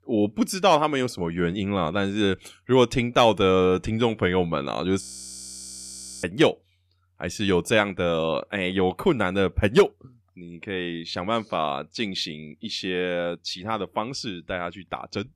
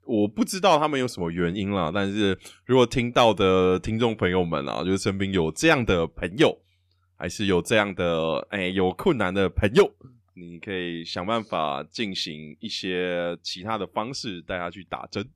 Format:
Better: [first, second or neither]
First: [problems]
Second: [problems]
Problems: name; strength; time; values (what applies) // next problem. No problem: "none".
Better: second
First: audio freezing; at 5 s for 1 s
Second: none